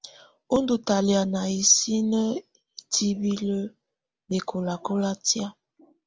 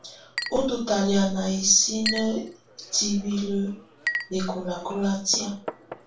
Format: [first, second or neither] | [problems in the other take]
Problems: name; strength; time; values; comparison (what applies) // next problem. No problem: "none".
first | background sound (Chink, clink); 11 dB below the speech // room echo; dies away in 0.3 s